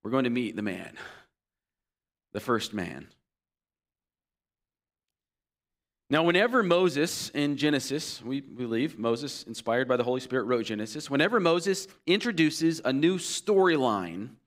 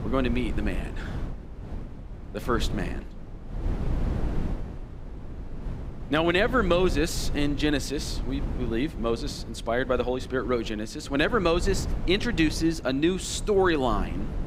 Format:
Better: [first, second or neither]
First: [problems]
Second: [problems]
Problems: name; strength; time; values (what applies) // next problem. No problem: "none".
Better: first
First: none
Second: wind noise on the microphone; occasional gusts; 15 dB below the speech